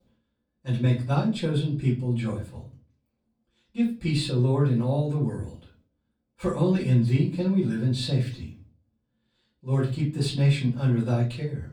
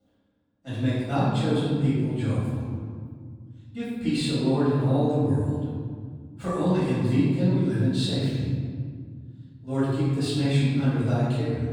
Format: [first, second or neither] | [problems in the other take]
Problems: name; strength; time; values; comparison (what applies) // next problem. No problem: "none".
first | room echo; strong; dies away in 2.3 s; slight in the first // off-mic speech; far; far in the first